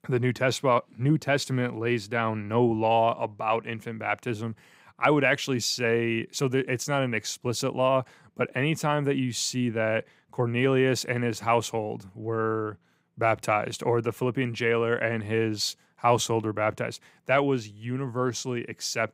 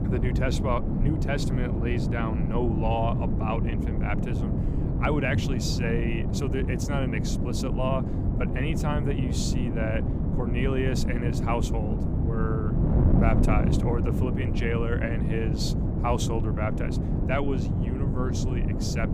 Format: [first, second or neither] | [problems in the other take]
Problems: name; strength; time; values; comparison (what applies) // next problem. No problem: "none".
first | wind noise on the microphone; heavy; 4 dB below the speech